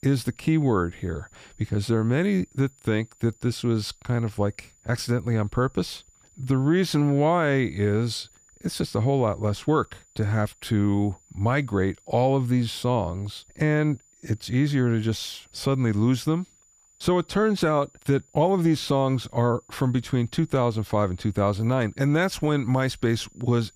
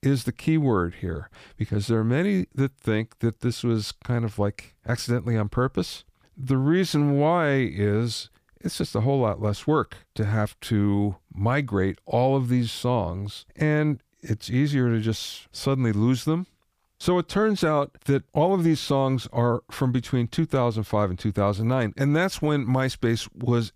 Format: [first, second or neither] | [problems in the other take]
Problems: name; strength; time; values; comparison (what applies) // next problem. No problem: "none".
second | high-pitched whine; faint; throughout; 7 kHz, 30 dB below the speech